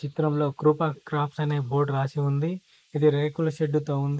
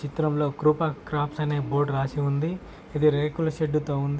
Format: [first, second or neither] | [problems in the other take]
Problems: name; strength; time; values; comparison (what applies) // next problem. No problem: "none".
second | noise reduction (neural mask model Resemble Enhance denoiser)